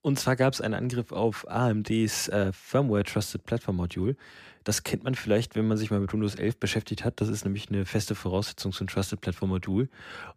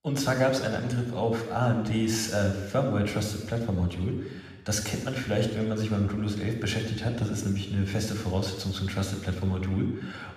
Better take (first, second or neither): first